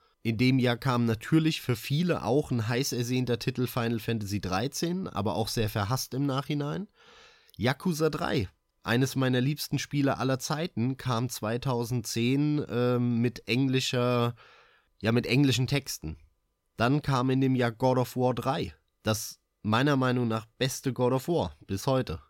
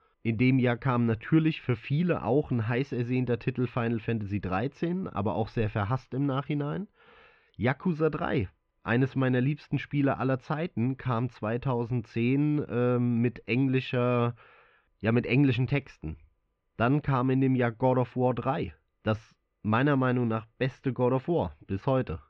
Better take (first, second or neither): first